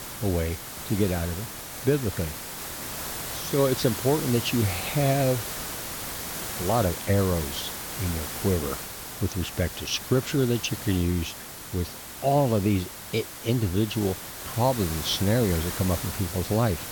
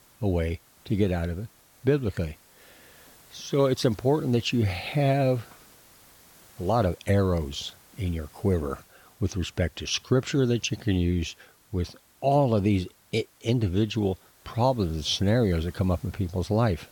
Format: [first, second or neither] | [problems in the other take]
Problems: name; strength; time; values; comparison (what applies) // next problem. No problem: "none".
second | hiss; loud; throughout; 6 dB below the speech; faint in the second